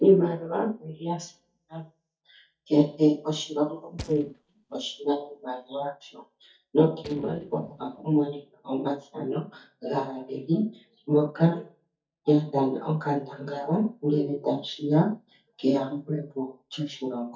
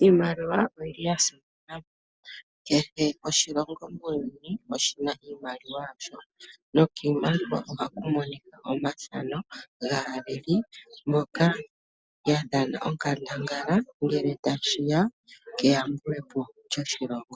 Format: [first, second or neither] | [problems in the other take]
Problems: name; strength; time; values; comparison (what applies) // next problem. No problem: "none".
second | noise reduction (neural mask model DeepFilterNet 3)